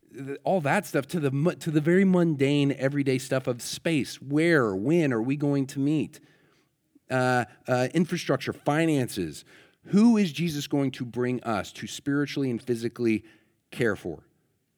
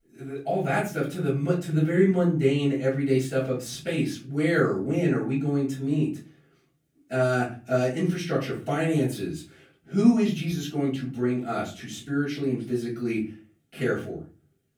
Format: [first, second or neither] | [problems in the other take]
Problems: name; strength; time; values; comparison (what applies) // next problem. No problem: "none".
first | off-mic speech; far // room echo; slight; dies away in 0.3 s